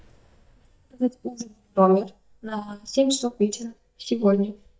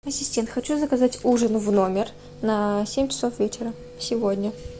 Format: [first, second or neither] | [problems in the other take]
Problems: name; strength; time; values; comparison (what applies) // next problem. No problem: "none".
second | noise reduction (neural mask model DeepFilterNet 3)